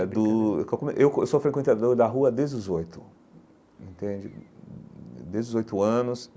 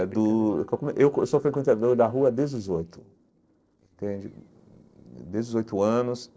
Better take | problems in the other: first | noise reduction (neural separator model SepFormer DNS4)

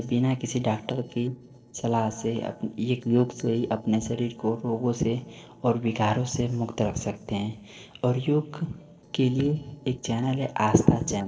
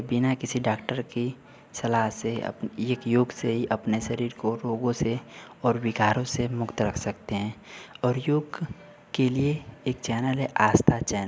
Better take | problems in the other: second | noise reduction (neural separator model SepFormer DNS4)

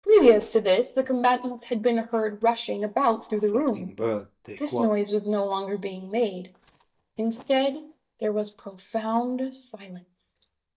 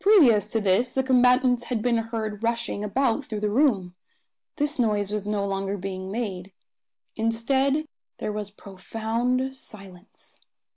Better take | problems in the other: second | noise reduction (neural mask model DeepFilterNet 3)

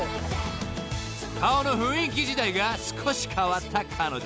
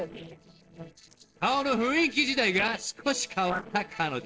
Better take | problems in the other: first | noise reduction (neural separator model SepFormer DNS4)

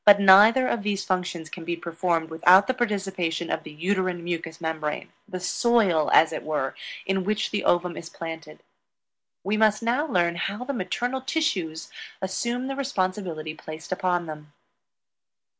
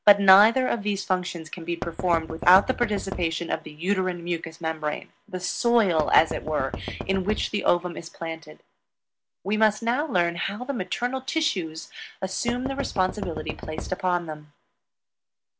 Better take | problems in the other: first | background sound (Knock); 9 dB below the speech

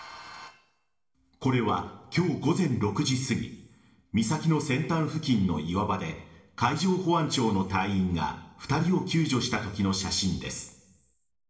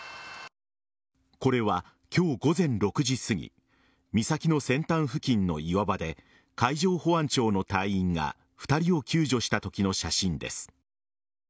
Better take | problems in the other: second | room echo; dies away in 0.8 s

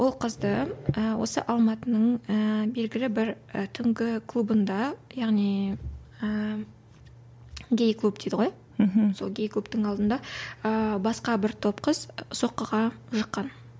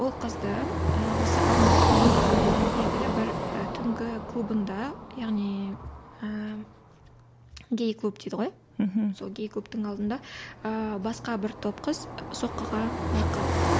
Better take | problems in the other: first | background sound (Car passing by); 3 dB above the speech

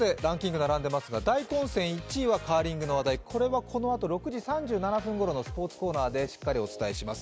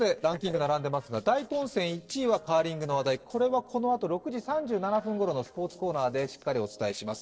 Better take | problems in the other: first | noise reduction (neural separator model SepFormer DNS4)

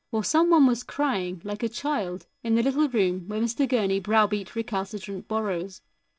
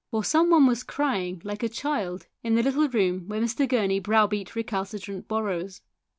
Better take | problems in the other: second | noise reduction (neural separator model SepFormer DNS4)

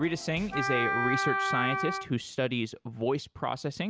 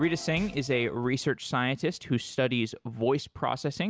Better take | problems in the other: second | background sound (Wind instrument, woodwind instrument); 1 dB above the speech

